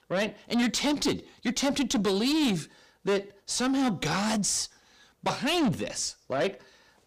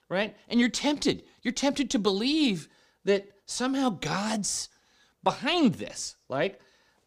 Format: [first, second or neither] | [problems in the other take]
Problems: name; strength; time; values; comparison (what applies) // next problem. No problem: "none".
second | distortion; heavy; 8 dB below the speech